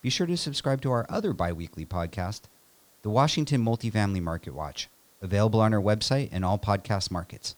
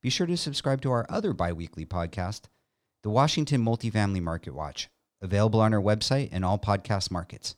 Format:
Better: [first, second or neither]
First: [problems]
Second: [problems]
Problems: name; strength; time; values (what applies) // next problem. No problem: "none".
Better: second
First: hiss; faint; throughout; 30 dB below the speech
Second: none